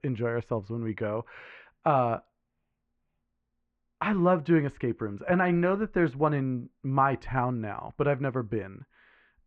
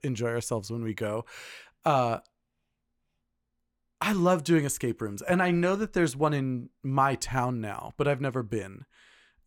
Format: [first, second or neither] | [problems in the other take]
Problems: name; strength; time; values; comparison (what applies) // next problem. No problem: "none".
second | muffled; very; fading above 2 kHz